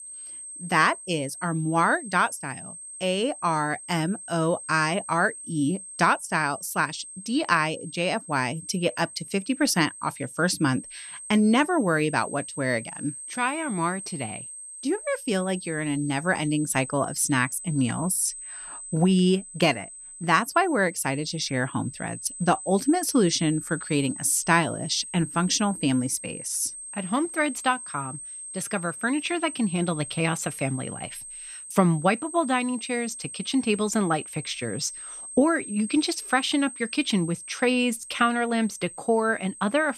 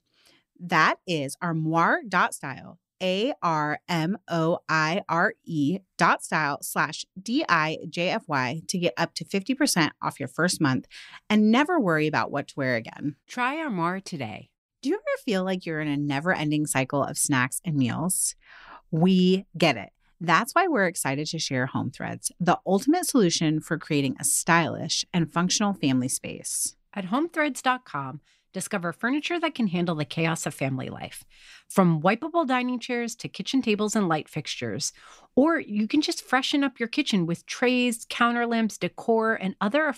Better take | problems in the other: second | high-pitched whine; noticeable; throughout; 8.5 kHz, 10 dB below the speech

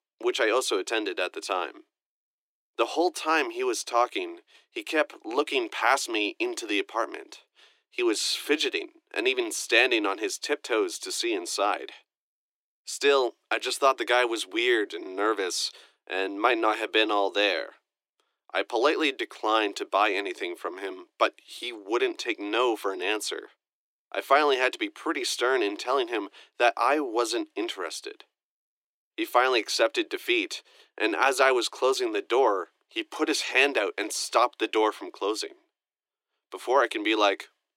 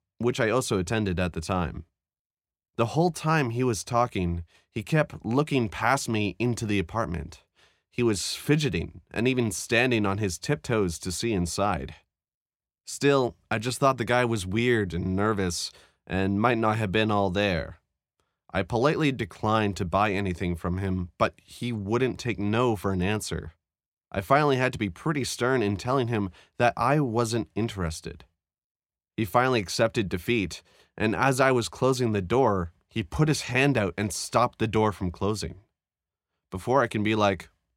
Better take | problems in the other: second | thin; very; fading below 300 Hz

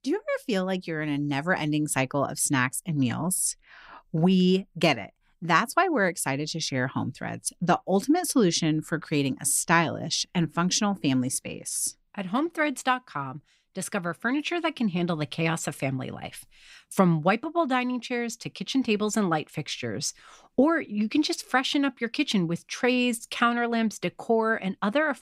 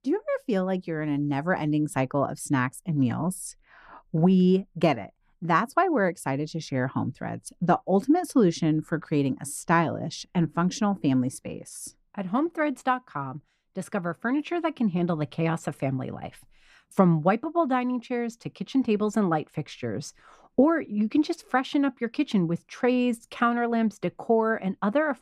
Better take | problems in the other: first | muffled; slightly; fading above 2 kHz

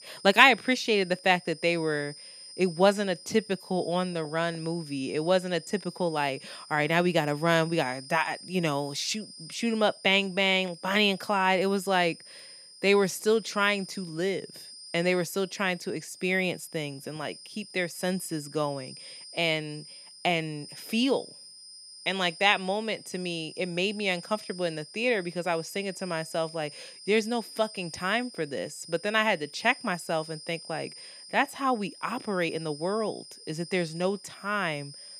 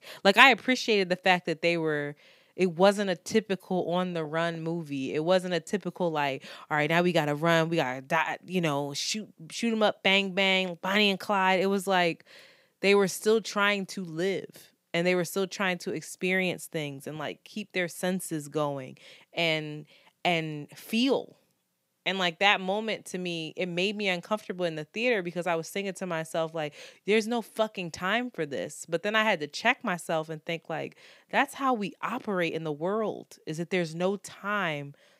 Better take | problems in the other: second | high-pitched whine; noticeable; throughout; 5 kHz, 15 dB below the speech

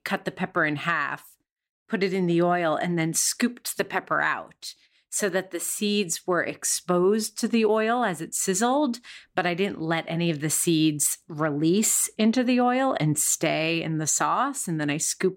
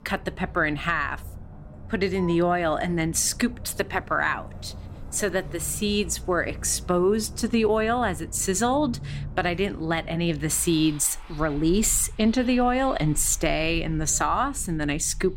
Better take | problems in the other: first | traffic noise; noticeable; throughout; 15 dB below the speech

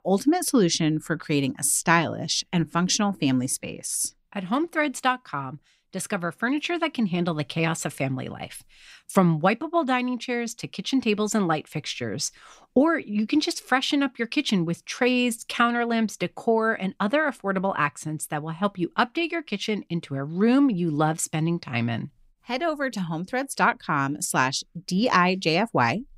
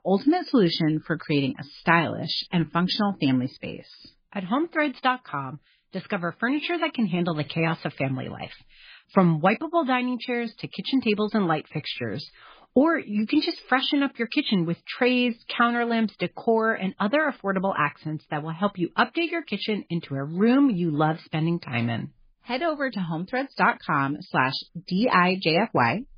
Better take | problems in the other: first | garbled, watery; badly; nothing above 5 kHz

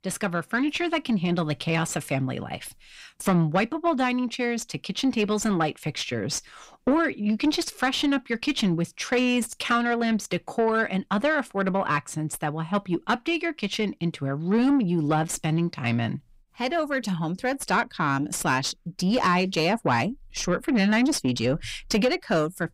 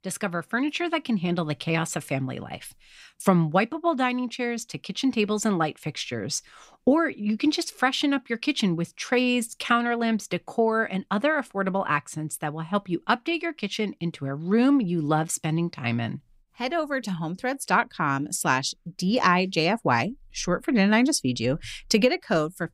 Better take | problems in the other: second | distortion; slight; 10 dB below the speech

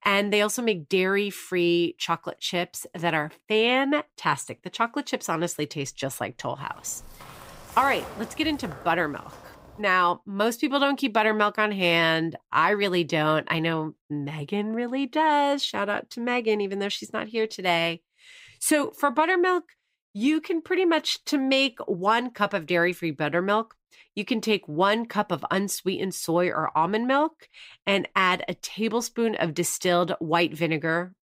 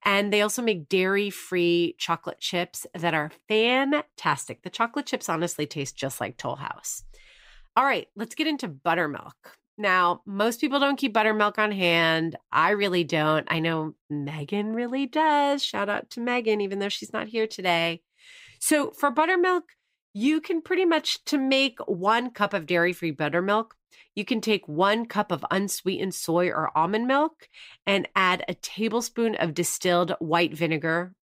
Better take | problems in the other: second | footsteps; faint; from 6.5 to 10 s; peak 10 dB below the speech

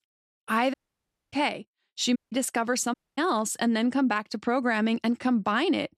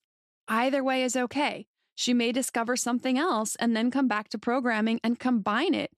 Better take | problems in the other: second | audio cutting out; at 0.5 s for 0.5 s, at 2 s and at 3 s

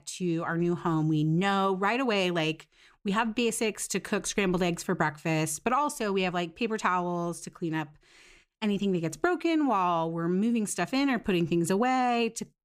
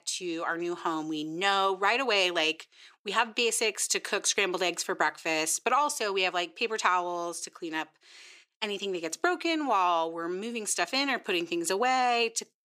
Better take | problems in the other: first | thin; somewhat; fading below 350 Hz

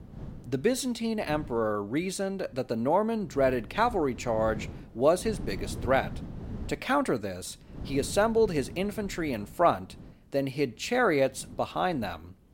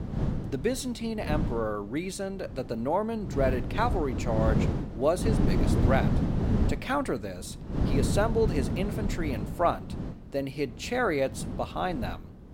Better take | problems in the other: first | wind noise on the microphone; heavy; 7 dB below the speech; occasional gusts in the first

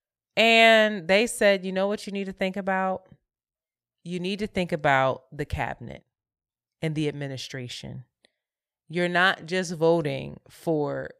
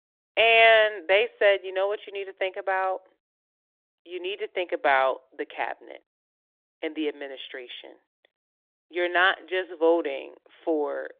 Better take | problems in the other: first | phone-call audio

